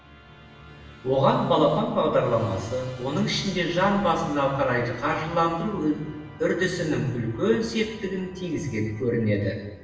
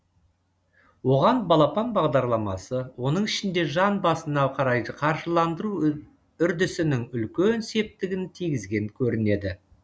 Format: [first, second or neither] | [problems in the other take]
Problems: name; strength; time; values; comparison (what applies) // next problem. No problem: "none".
second | background sound (Musical instrument); 18 dB below the speech // room echo; dies away in 1 s